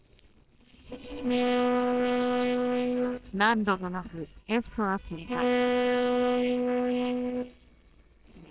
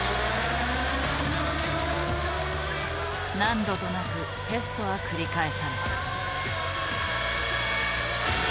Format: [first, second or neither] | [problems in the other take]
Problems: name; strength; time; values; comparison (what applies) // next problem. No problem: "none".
second | noise reduction (neural separator model SepFormer WHAMR!)